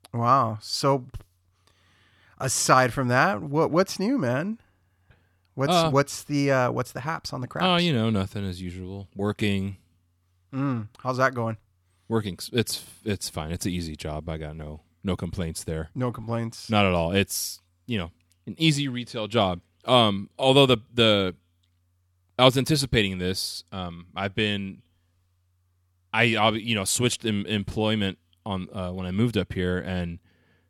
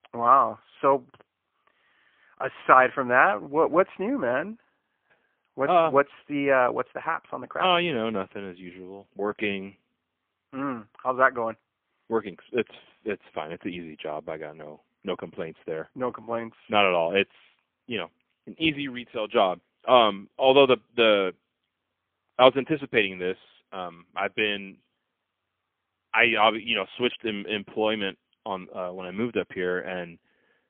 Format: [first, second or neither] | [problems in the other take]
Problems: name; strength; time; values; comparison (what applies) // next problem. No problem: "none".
first | phone-call audio; poor line; nothing above 3.5 kHz